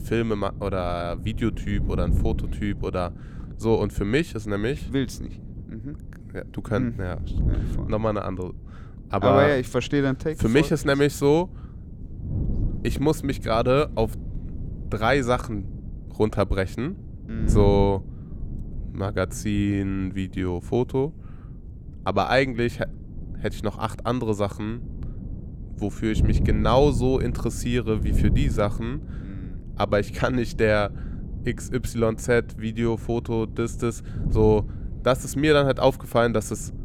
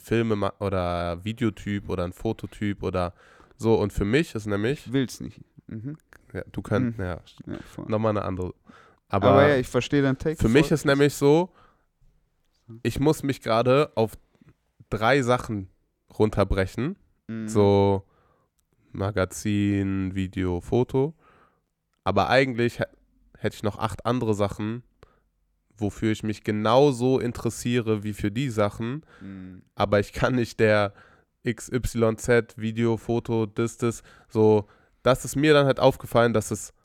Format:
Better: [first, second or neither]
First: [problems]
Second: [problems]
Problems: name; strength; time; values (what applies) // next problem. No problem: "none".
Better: second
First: wind noise on the microphone; occasional gusts; 20 dB below the speech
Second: none